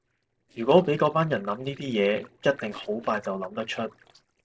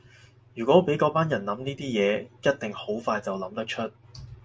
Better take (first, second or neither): second